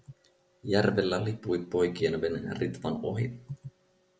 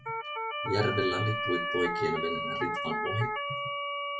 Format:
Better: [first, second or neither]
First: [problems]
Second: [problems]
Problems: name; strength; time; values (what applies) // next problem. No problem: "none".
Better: first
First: none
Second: noise reduction (classical method WPE with log-MMSE)